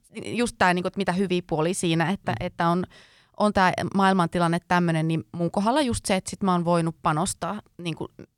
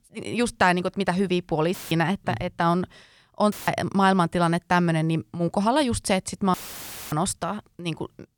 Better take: first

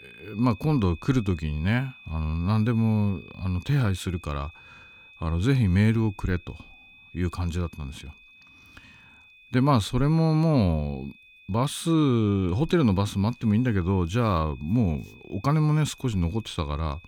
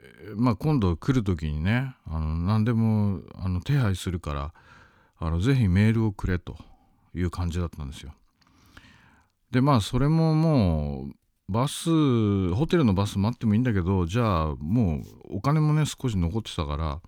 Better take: second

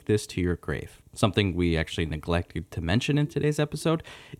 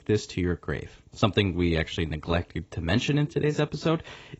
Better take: first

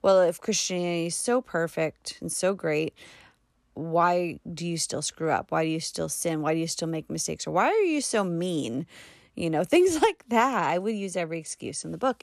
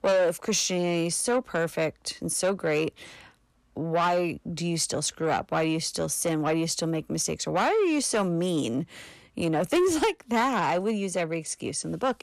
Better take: first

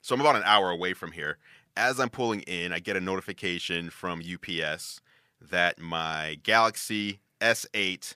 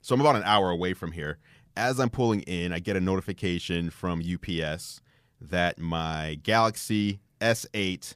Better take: second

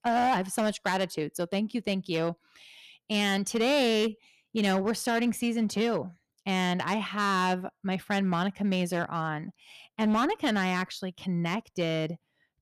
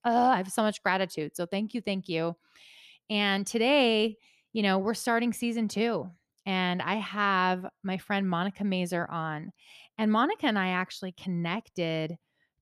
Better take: second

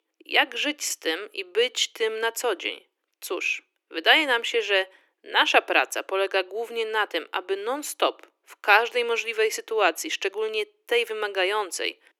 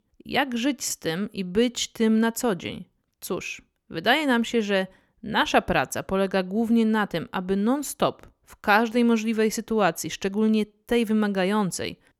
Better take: second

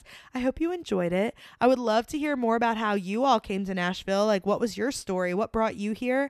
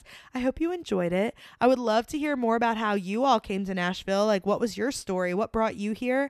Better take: neither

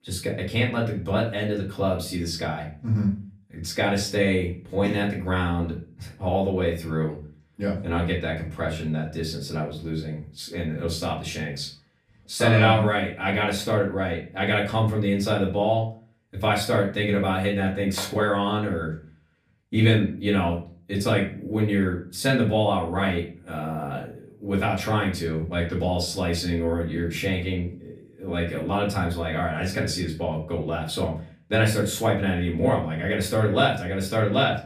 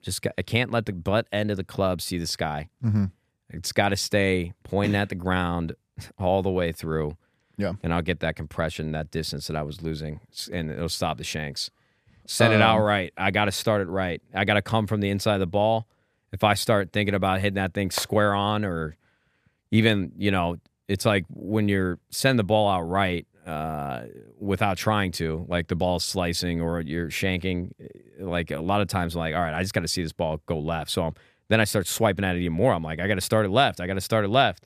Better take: second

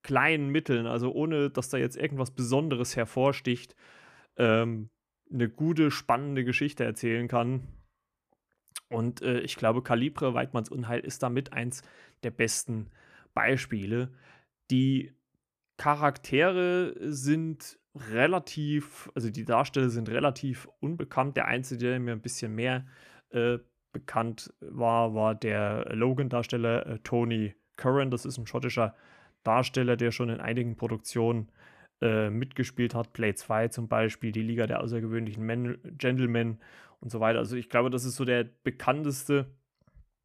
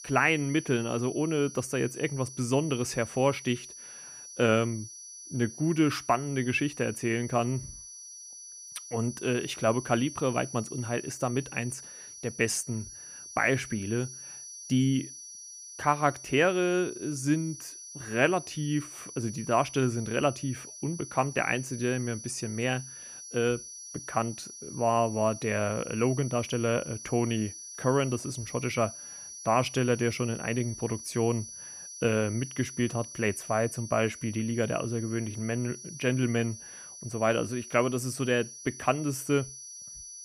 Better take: first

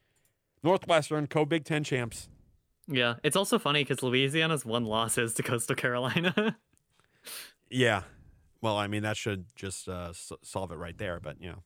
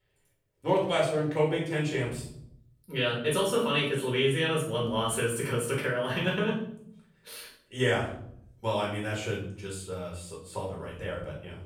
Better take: first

